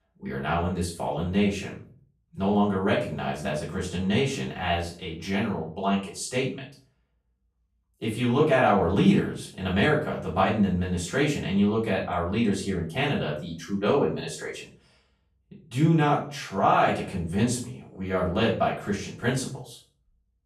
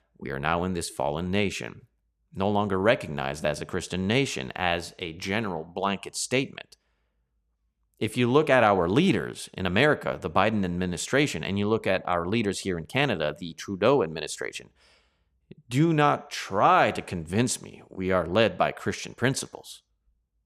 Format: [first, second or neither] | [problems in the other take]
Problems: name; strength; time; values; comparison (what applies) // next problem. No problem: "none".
second | off-mic speech; far // room echo; slight; dies away in 0.4 s